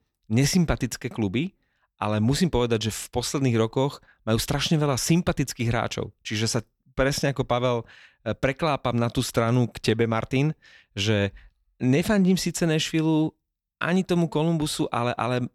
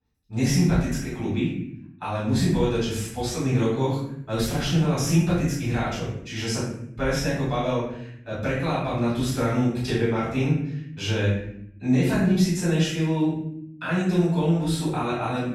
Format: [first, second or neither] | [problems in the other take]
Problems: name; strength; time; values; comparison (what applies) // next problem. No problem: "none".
first | off-mic speech; far // room echo; strong; dies away in 0.7 s